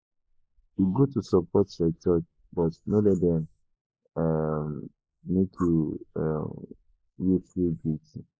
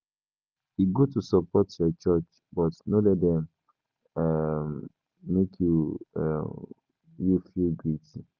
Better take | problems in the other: second | noise reduction (neural mask model Resemble Enhance denoiser)

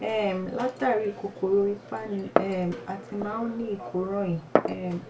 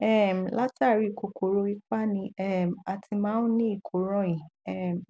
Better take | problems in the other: second | background sound (Glass); 4 dB below the speech // room echo; dies away in 0.2 s

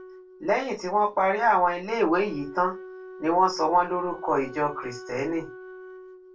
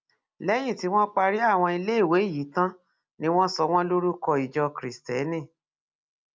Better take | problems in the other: second | background sound (Wind instrument, woodwind instrument); 17 dB below the speech // room echo; dies away in 0.2 s

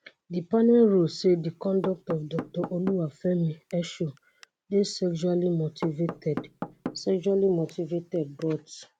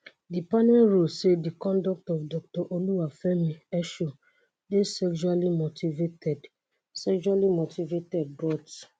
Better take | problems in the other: second | background sound (Knock / Wood); 14 dB below the speech

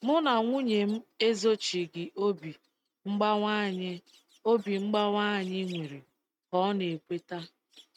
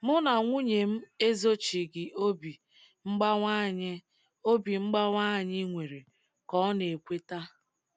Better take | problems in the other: second | noise reduction (neural mask model RNNoise)

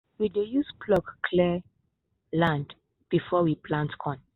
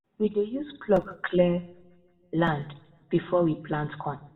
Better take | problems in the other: first | room echo; dies away in 0.8 s

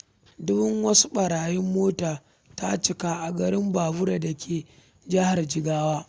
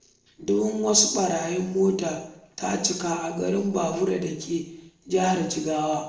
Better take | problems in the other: first | noise reduction (neural separator model SepFormer DNS4)

